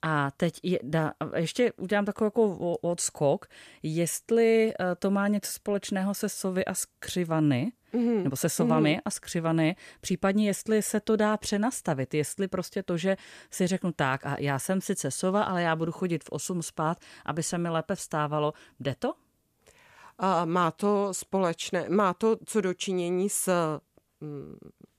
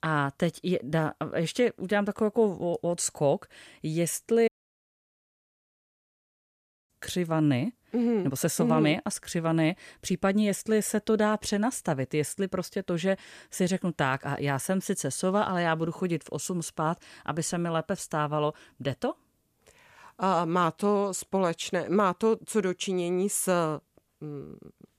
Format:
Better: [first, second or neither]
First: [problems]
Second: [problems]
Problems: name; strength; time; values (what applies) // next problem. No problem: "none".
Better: first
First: none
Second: audio cutting out; at 4.5 s for 2.5 s